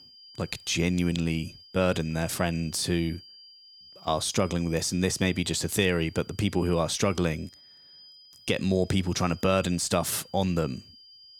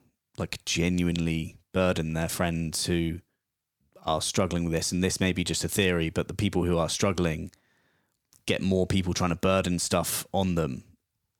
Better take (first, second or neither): second